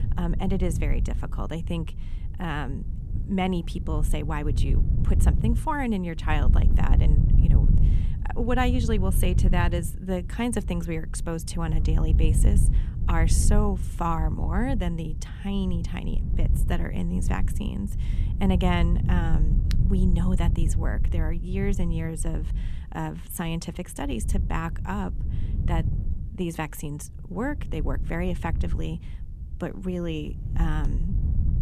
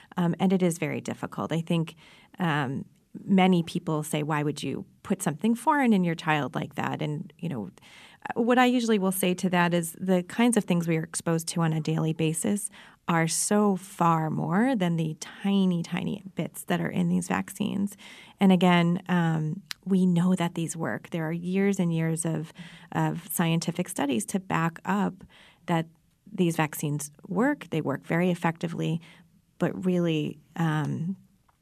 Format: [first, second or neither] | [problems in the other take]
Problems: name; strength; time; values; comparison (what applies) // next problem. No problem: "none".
second | wind noise on the microphone; heavy; 10 dB below the speech